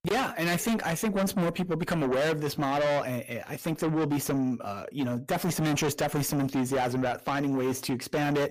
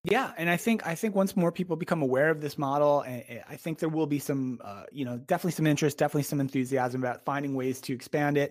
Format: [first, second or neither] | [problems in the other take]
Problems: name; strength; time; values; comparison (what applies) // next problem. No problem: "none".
second | distortion; heavy; 6 dB below the speech